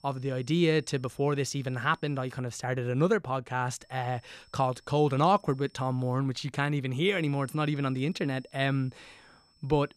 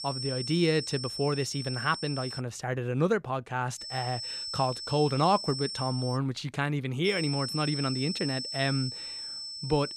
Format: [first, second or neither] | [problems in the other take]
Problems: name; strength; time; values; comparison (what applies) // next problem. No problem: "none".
first | high-pitched whine; loud; until 2.5 s, from 4 to 6 s and from 7 s on; 5.5 kHz, 5 dB below the speech; faint in the first